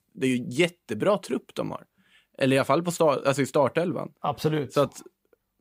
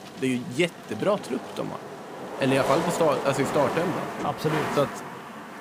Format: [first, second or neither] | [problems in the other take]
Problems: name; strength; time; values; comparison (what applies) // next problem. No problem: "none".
first | wind noise on the microphone; heavy; 4 dB below the speech